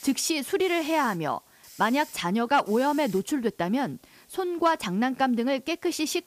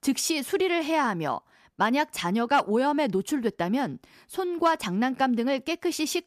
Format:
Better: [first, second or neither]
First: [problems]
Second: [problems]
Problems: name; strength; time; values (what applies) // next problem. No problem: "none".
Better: second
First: hiss; faint; throughout; 25 dB below the speech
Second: none